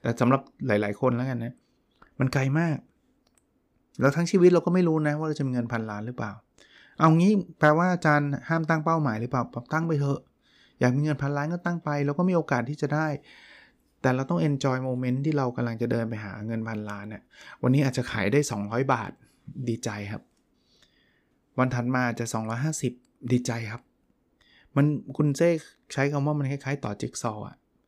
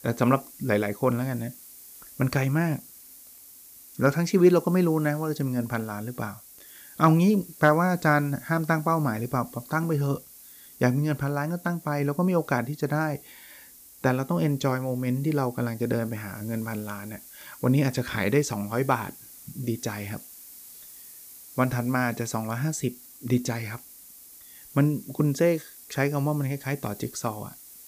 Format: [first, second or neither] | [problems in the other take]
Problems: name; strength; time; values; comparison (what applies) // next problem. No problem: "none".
first | hiss; noticeable; throughout; 20 dB below the speech